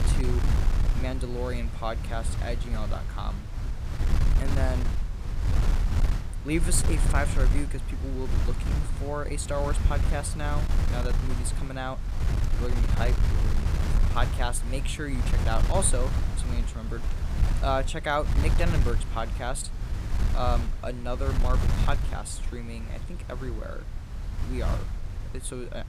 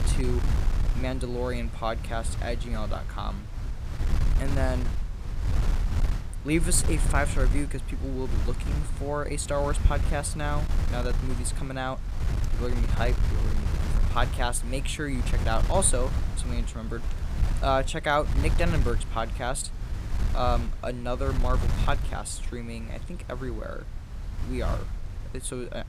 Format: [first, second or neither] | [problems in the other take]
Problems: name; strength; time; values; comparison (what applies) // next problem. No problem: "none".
second | wind noise on the microphone; heavy; 7 dB below the speech; occasional gusts in the second